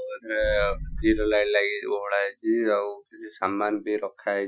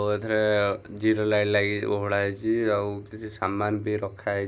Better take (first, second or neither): second